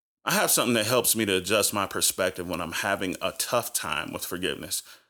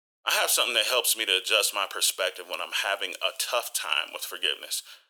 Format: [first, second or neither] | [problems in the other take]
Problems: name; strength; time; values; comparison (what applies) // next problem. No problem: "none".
first | thin; very; fading below 450 Hz